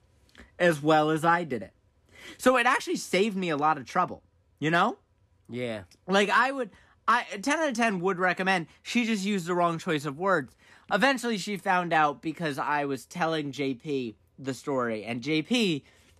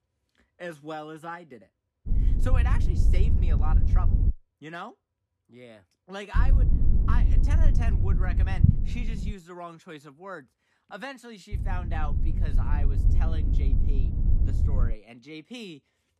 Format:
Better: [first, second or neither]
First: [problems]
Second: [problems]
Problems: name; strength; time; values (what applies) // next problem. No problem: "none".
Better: first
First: none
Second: low rumble; loud; from 2 to 4.5 s, from 6.5 to 9.5 s and from 12 to 15 s; 3 dB below the speech